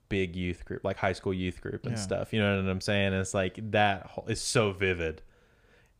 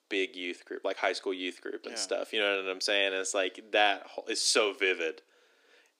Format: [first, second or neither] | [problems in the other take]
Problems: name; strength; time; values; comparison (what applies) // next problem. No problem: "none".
first | thin; somewhat; fading below 300 Hz